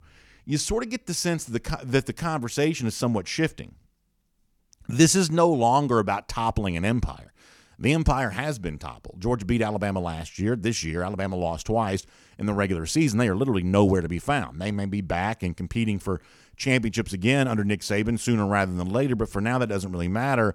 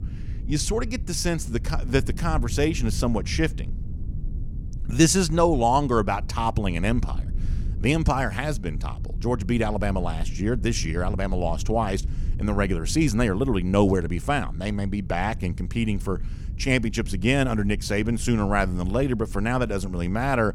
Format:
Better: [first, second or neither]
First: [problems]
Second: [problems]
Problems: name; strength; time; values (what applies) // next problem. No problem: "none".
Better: first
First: none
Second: low rumble; faint; throughout; 20 dB below the speech